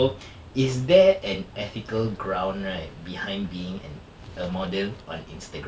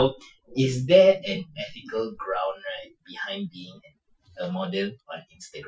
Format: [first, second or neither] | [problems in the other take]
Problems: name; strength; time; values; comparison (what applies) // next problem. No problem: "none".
first | noise reduction (classical method Wiener filter)